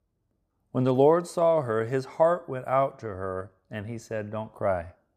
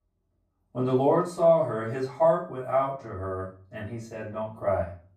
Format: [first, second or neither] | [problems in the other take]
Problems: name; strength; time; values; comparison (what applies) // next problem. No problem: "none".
first | off-mic speech; far // room echo; slight; dies away in 0.3 s